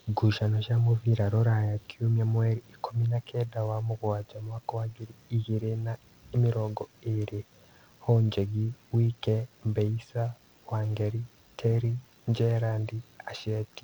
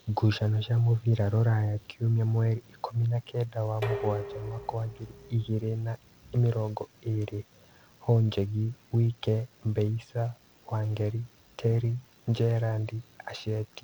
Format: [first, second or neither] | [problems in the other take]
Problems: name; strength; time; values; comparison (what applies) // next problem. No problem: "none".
first | background sound (Dishes, pots, and pans); 12 dB below the speech